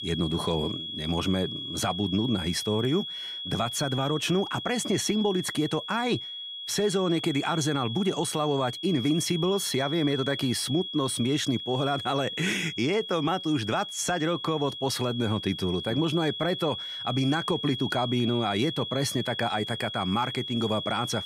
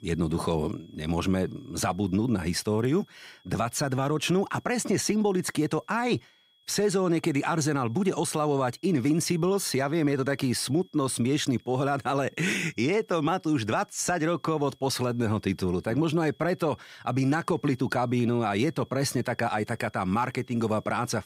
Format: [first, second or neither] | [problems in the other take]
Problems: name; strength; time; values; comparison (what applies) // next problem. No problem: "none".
second | high-pitched whine; loud; throughout; 3.5 kHz, 6 dB below the speech; faint in the second